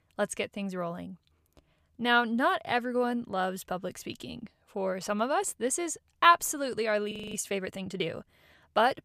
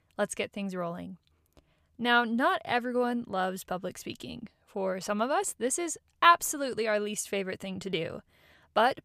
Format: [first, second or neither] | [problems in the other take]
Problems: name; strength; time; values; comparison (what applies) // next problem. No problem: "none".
second | audio freezing; at 7 s